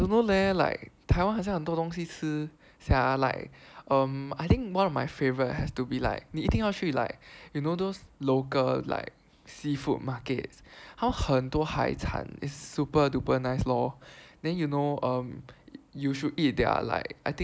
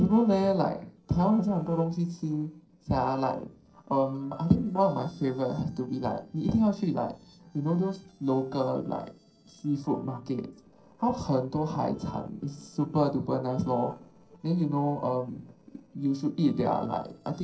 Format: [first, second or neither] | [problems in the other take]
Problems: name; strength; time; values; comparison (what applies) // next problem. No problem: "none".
first | noise reduction (neural separator model SepFormer DNS4)